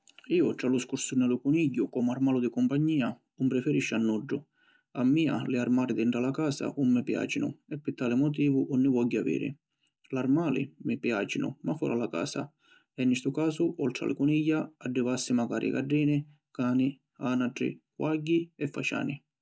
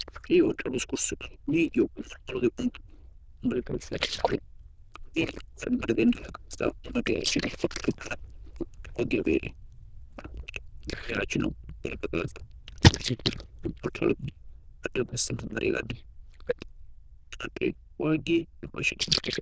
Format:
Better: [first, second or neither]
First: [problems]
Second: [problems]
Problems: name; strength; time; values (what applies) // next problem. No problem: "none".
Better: first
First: none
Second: noise reduction (neural diffusion model UNIVERSE++)